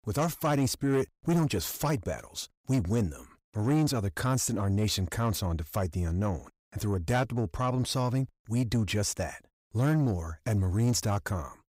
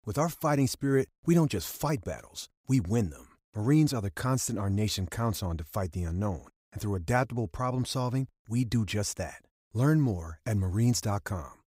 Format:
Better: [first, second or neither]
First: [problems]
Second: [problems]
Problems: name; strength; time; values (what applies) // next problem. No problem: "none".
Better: second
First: distortion; slight; 10 dB below the speech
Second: none